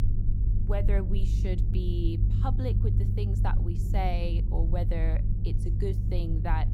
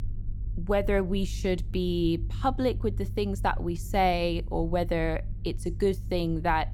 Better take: second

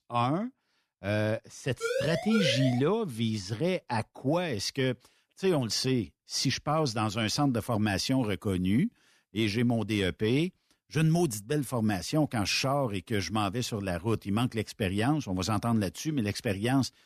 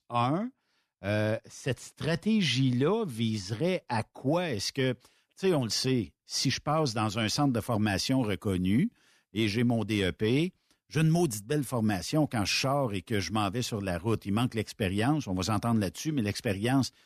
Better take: second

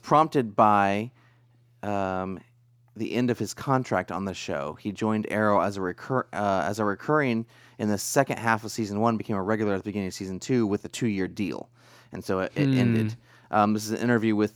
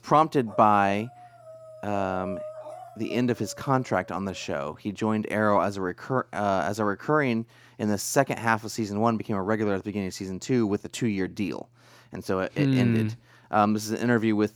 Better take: first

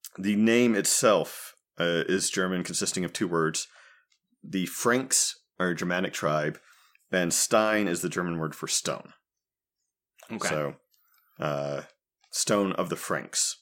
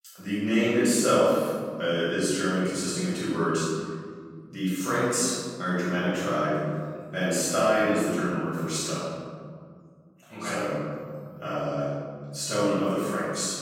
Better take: first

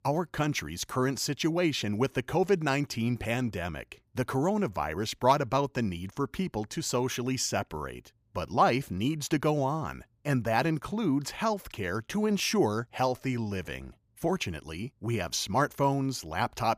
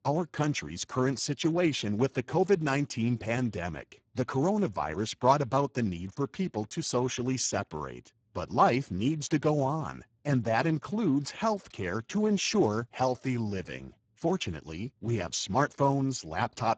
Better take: first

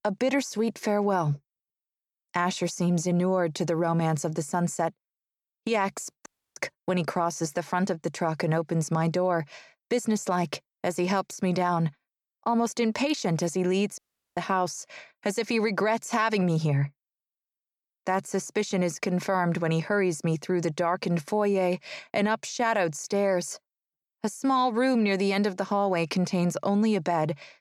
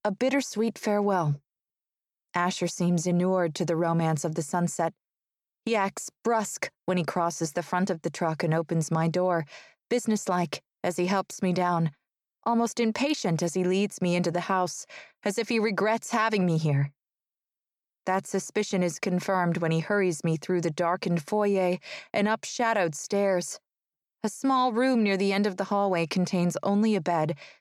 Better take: second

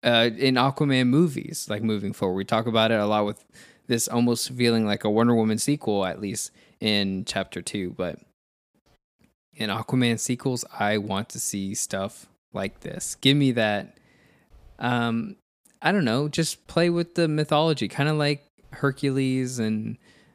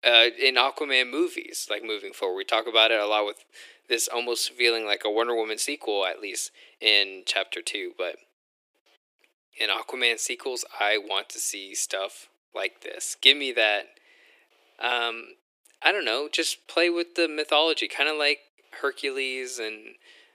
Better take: first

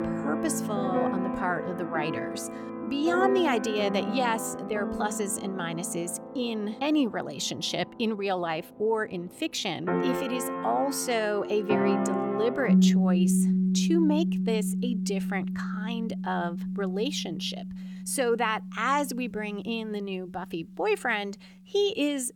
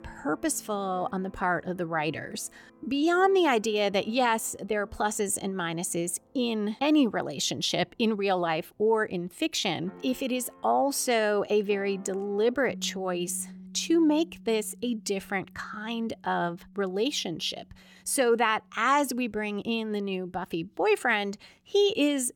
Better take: second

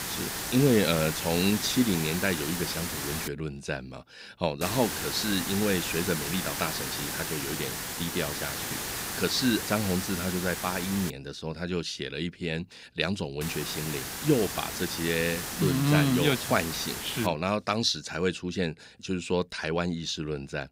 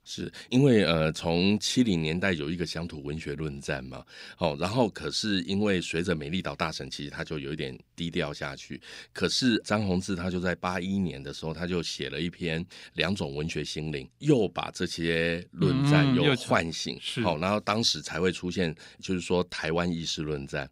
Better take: second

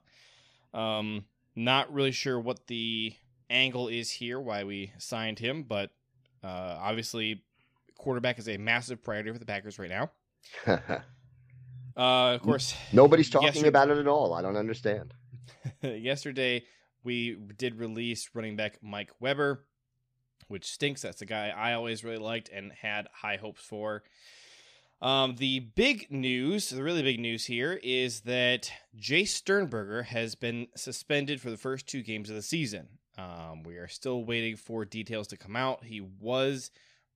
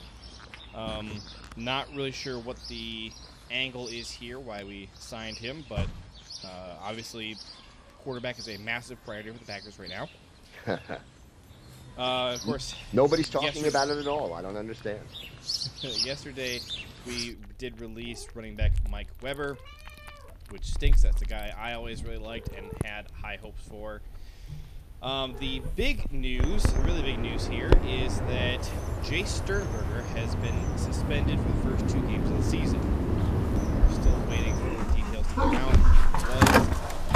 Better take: first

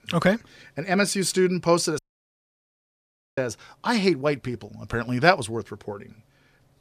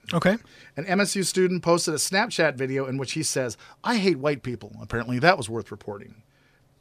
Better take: second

